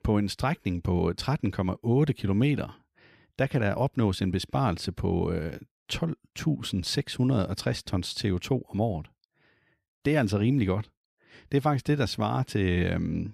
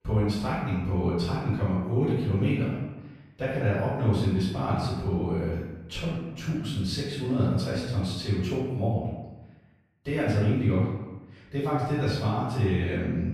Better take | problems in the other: first | off-mic speech; far // room echo; strong; dies away in 1 s

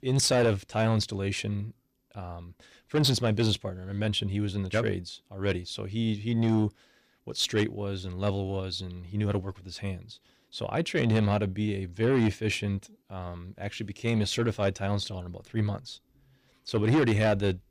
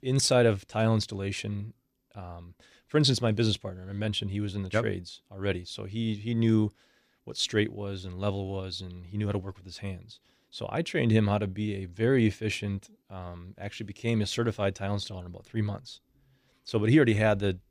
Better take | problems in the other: second | distortion; slight; 10 dB below the speech

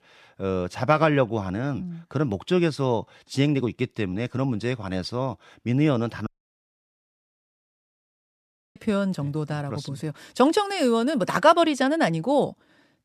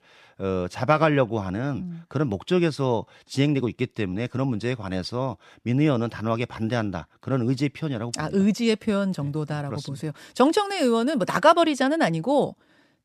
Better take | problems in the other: second | audio cutting out; at 6.5 s for 2.5 s

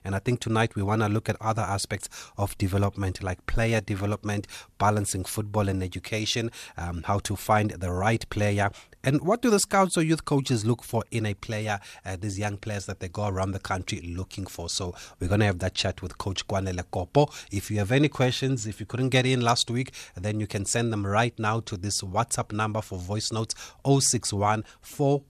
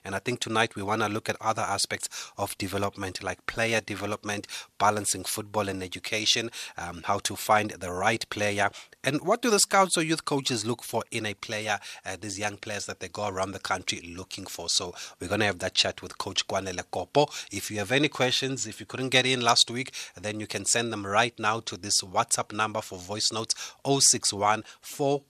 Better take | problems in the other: first | thin; somewhat; fading below 900 Hz

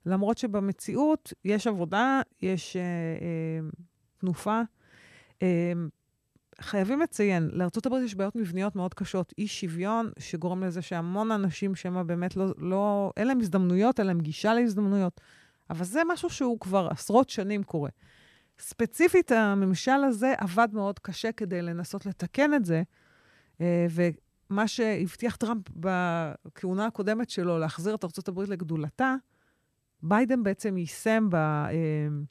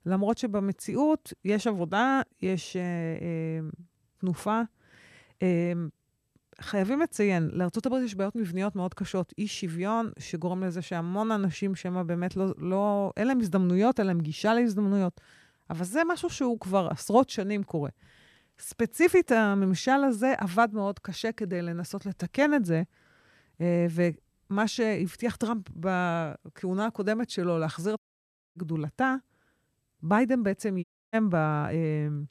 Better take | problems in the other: first | audio cutting out; at 28 s for 0.5 s and at 31 s

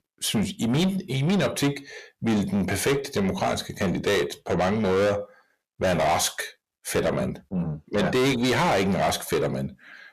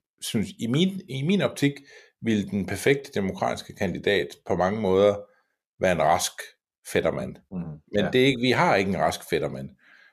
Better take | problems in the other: second | distortion; heavy; 6 dB below the speech

